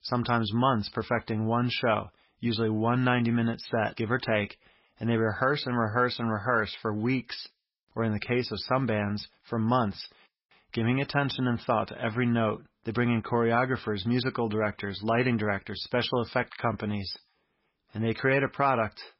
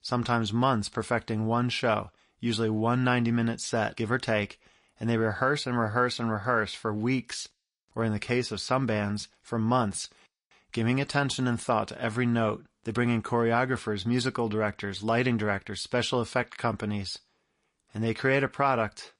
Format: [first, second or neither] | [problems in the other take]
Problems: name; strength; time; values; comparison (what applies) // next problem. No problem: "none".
second | garbled, watery; badly; nothing above 5.5 kHz; slightly in the second